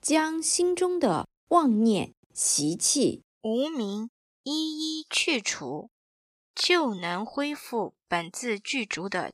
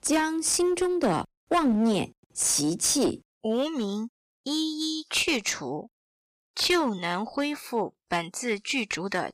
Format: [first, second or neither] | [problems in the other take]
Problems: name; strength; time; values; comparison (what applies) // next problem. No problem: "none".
first | distortion; slight; 7% of the sound clipped